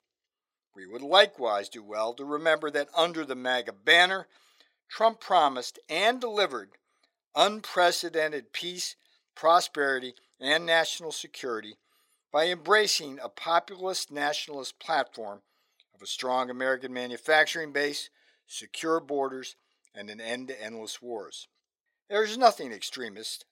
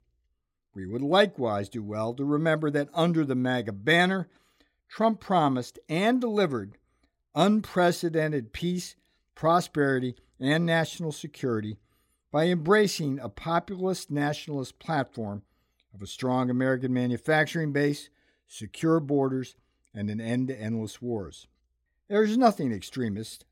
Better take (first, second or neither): second